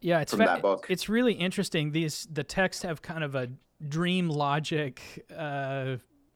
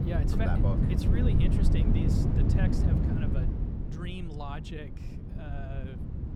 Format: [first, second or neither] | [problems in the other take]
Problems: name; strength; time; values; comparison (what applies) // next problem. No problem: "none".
first | wind noise on the microphone; heavy; 3 dB above the speech